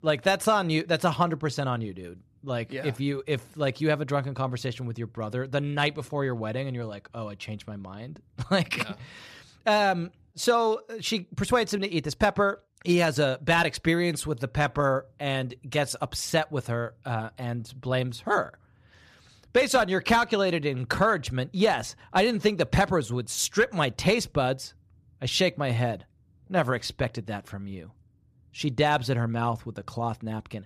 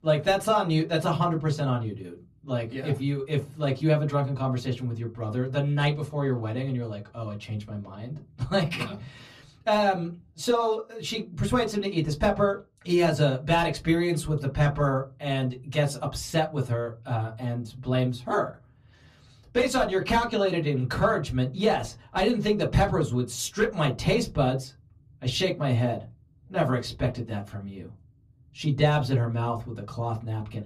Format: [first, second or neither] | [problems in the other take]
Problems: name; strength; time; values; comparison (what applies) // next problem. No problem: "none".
first | off-mic speech; far // room echo; very slight; dies away in 0.3 s